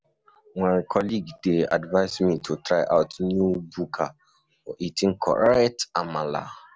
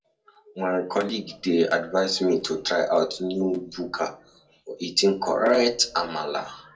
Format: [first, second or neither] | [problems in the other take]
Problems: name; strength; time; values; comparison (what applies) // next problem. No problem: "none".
first | room echo; dies away in 0.2 s